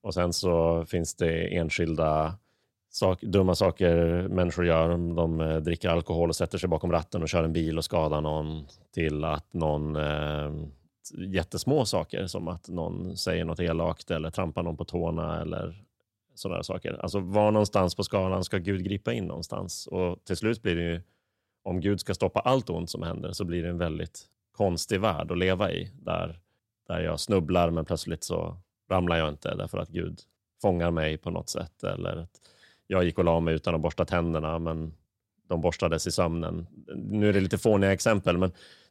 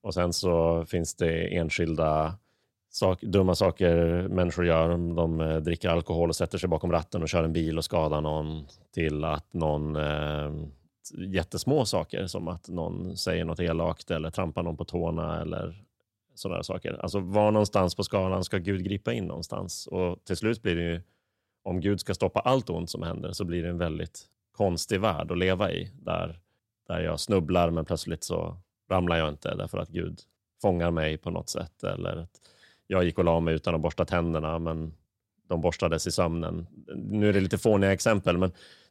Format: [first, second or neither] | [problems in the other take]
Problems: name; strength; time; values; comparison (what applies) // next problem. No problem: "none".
neither | none